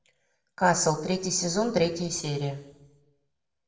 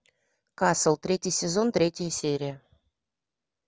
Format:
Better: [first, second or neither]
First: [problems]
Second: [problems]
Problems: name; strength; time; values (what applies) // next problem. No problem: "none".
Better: second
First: room echo; dies away in 0.7 s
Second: none